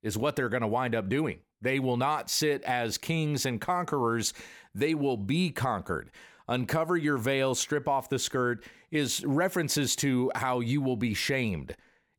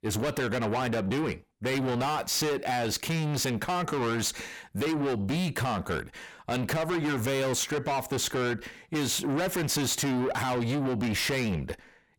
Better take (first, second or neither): first